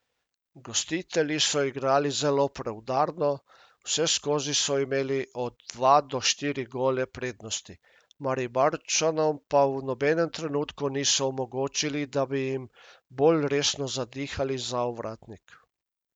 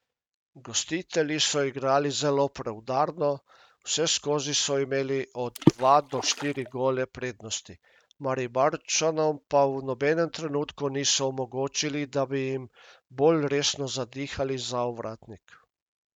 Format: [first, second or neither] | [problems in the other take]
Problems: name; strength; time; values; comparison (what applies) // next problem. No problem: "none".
first | noise reduction (neural mask model RNNoise)